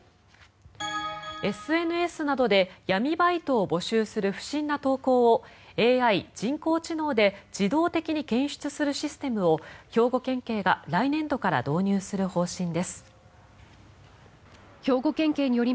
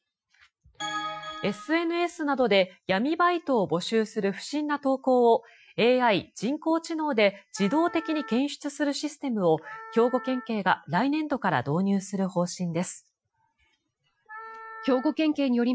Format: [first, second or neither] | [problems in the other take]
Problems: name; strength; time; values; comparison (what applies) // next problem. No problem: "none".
first | noise reduction (classical method Wiener filter)